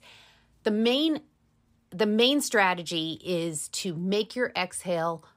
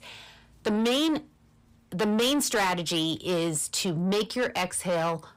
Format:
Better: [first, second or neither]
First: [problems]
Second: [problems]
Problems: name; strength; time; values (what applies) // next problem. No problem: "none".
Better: first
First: none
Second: distortion; heavy; 7 dB below the speech